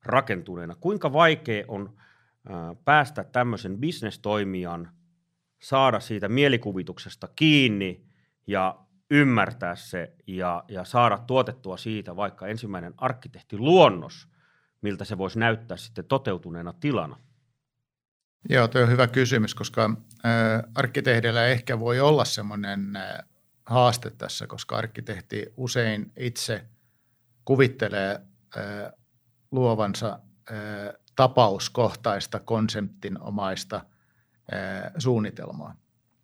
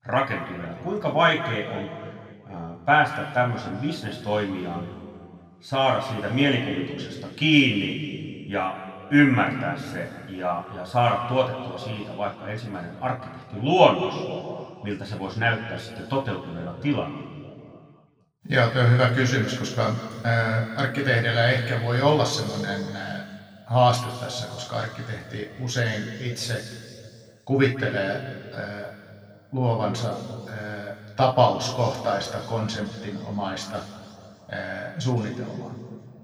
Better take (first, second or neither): first